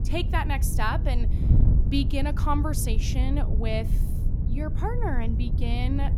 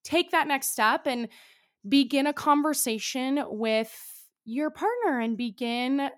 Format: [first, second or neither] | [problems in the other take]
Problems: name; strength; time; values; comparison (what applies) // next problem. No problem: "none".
second | wind noise on the microphone; heavy; 9 dB below the speech